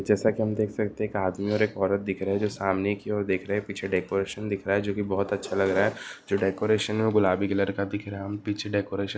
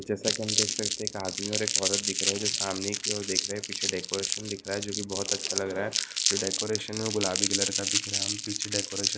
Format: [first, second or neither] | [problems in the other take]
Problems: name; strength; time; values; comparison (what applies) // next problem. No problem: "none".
first | background sound (Crumpling, crinkling); 3 dB above the speech